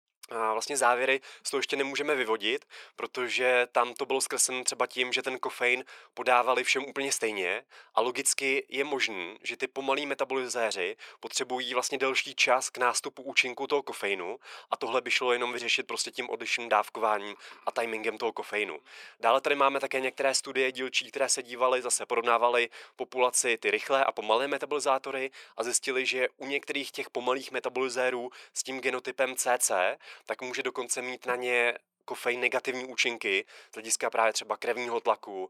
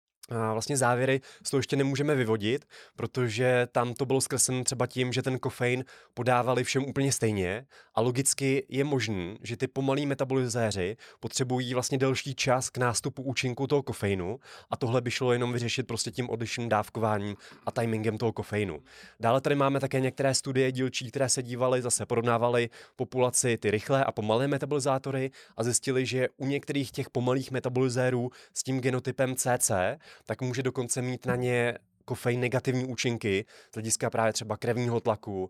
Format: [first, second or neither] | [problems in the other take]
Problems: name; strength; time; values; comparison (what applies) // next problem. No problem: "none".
second | thin; very; fading below 350 Hz